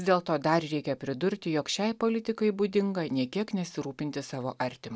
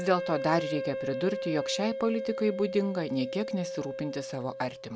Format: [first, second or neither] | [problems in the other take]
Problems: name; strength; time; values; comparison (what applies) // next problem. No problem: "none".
first | background sound (Wind instrument, woodwind instrument); 6 dB below the speech